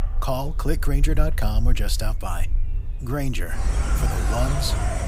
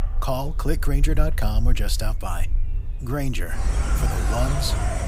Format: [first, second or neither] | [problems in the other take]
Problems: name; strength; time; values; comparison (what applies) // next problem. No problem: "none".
neither | animal sounds; very loud; throughout; 2 dB above the speech; the same in both